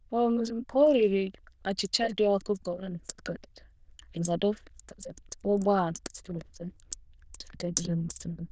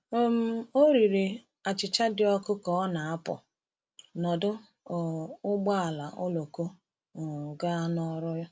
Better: second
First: noise reduction (neural diffusion model UNIVERSE++)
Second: none

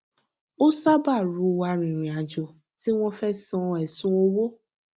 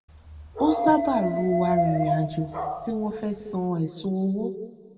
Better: first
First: none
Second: background sound (Dog); 3 dB below the speech // room echo; dies away in 1.5 s

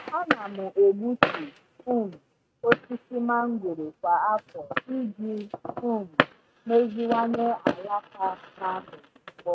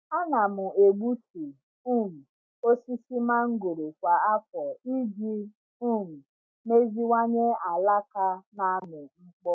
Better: second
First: noise reduction (neural mask model RNNoise)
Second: none

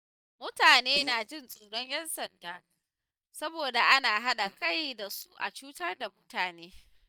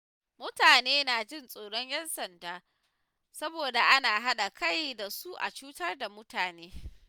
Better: second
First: noise reduction (neural mask model DeepFilterNet 3)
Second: none

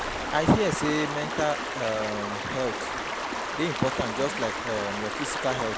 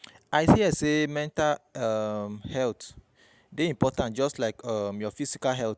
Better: second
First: background sound (Stream); 2 dB below the speech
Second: none

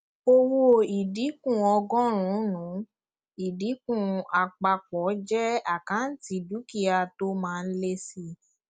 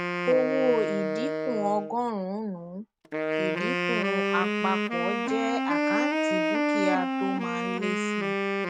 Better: first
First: none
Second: background sound (Wind instrument, woodwind instrument); 3 dB above the speech

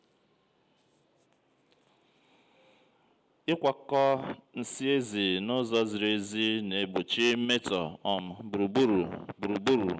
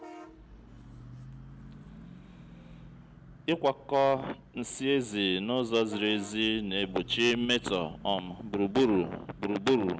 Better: first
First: none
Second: background sound (Bus / Vehicle horn, car horn, honking); 18 dB below the speech

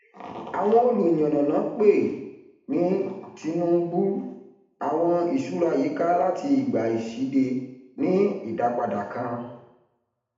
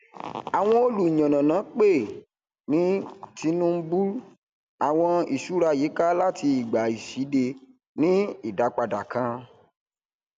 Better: second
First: room echo; dies away in 0.8 s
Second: none

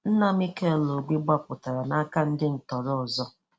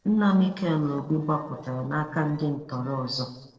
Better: first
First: none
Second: noise reduction (neural separator model SepFormer DNS4)

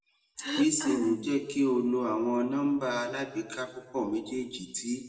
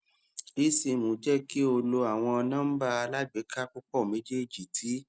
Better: second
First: background sound (Cough); 5 dB below the speech // room echo; dies away in 0.9 s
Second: none

